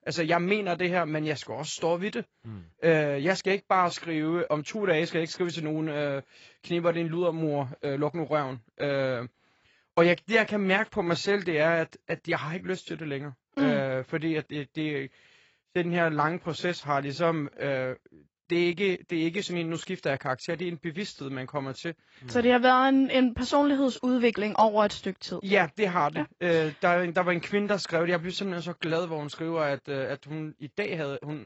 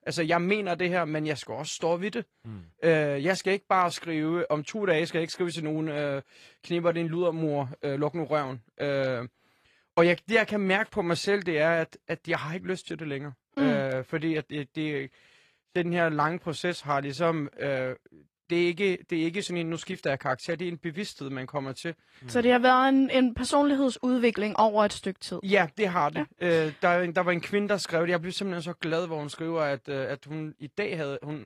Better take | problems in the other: second | garbled, watery; badly; nothing above 7.5 kHz; slightly in the second

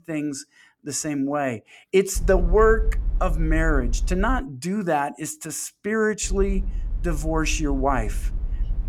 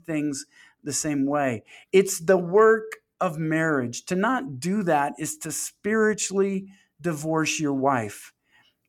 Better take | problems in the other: second | low rumble; faint; from 2 to 4.5 s and from 6 s on; 25 dB below the speech

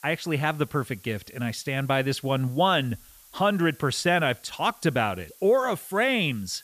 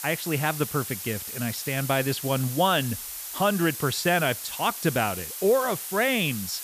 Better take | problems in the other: first | hiss; loud; throughout; 7 dB below the speech; faint in the first

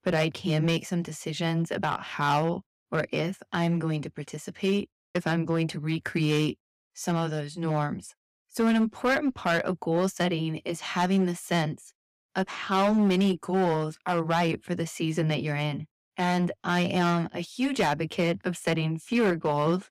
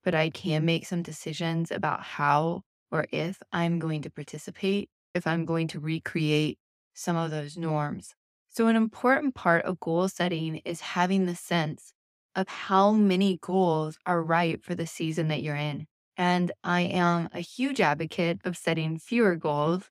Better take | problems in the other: second | distortion; slight; 6% of the sound clipped

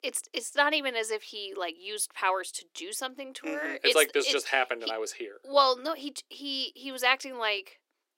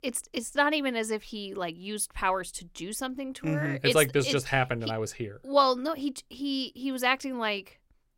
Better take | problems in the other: second | thin; somewhat; fading below 300 Hz

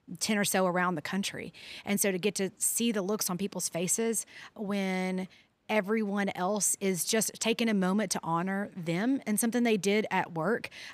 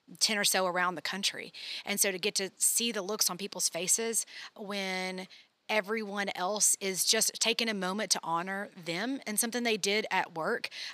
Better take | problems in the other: first | thin; very slightly; fading below 550 Hz

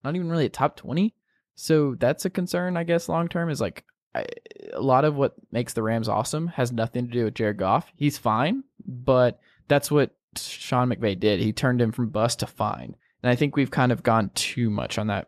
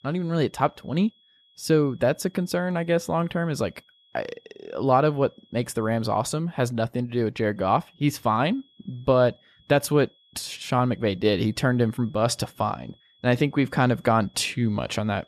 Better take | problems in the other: first | high-pitched whine; faint; until 6 s and from 7.5 s on; 3.5 kHz, 35 dB below the speech

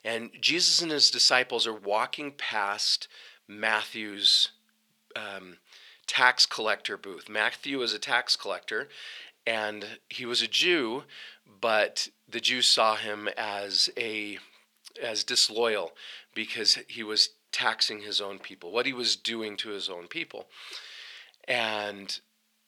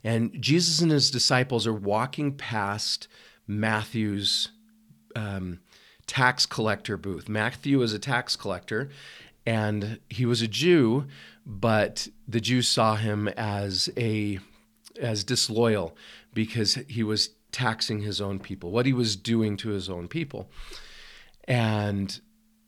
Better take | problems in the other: second | thin; very; fading below 500 Hz

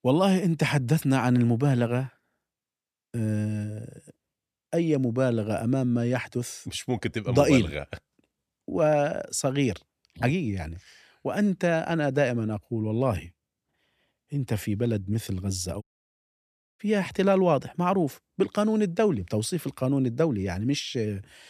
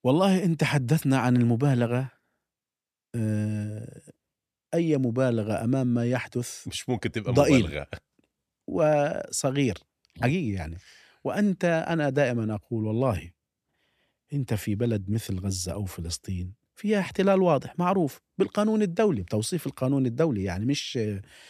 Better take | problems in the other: second | audio cutting out; at 16 s for 1 s

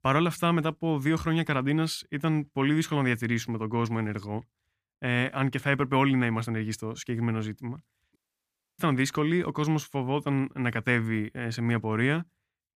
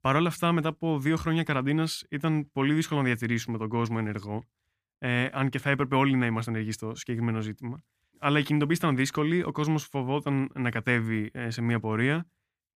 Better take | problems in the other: second | audio cutting out; at 8 s for 0.5 s

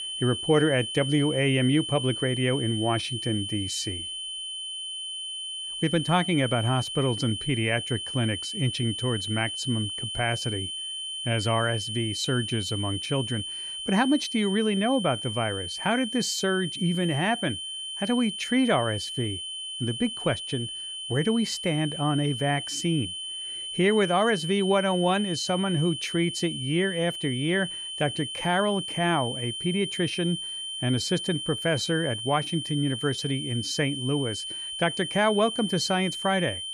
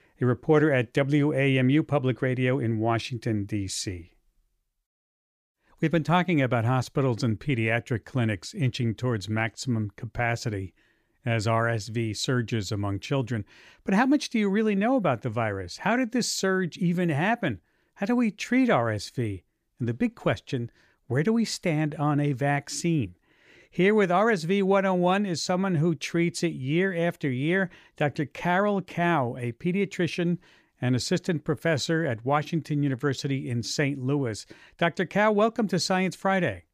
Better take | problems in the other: second | high-pitched whine; loud; throughout; 3 kHz, 5 dB below the speech

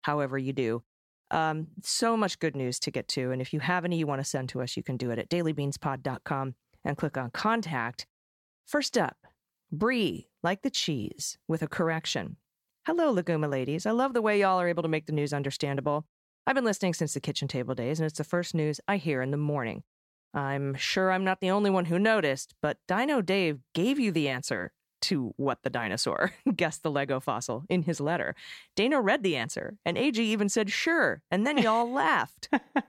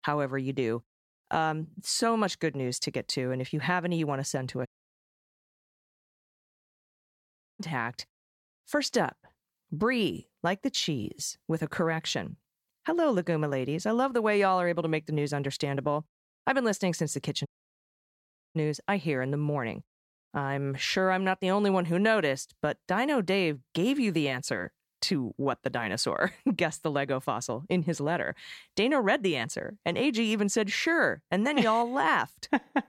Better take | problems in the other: first | audio cutting out; at 4.5 s for 3 s and at 17 s for 1 s

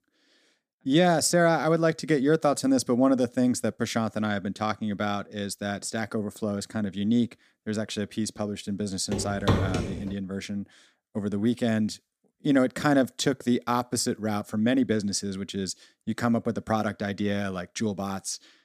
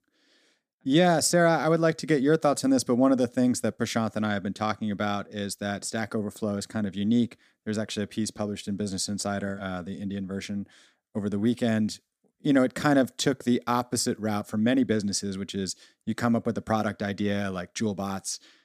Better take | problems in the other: second | footsteps; loud; from 9 to 10 s; peak 1 dB above the speech

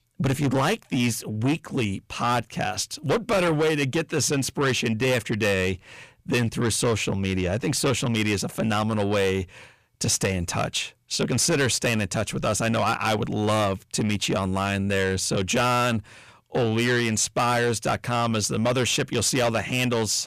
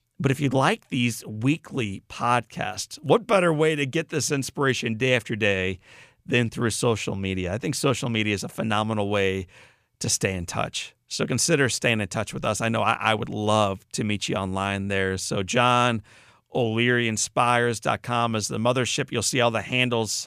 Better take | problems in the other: second | distortion; heavy; 7 dB below the speech

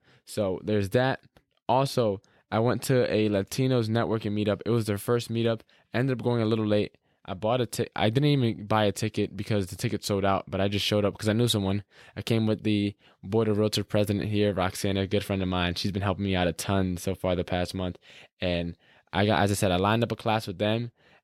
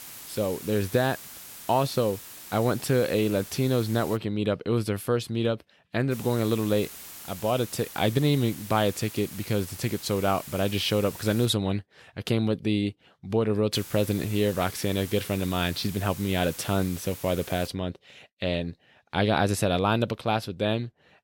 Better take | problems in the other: first | hiss; noticeable; until 4 s, from 6 to 11 s and from 14 to 18 s; 15 dB below the speech

